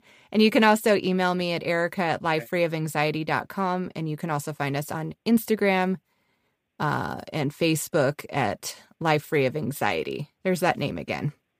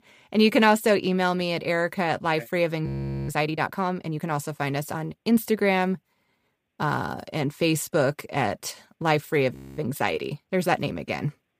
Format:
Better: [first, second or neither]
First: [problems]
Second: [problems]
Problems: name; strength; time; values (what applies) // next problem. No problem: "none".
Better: first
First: none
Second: audio freezing; at 3 s and at 9.5 s